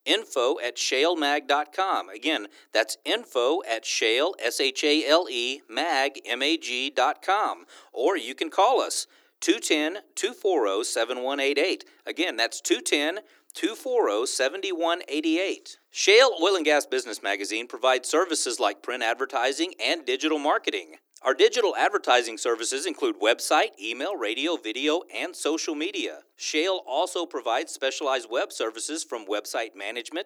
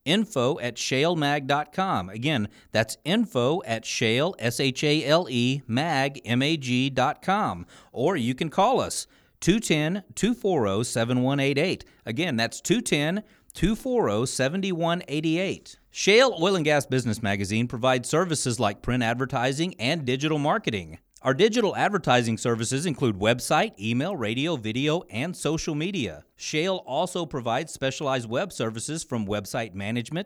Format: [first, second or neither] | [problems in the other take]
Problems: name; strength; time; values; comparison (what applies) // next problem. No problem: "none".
second | thin; very; fading below 300 Hz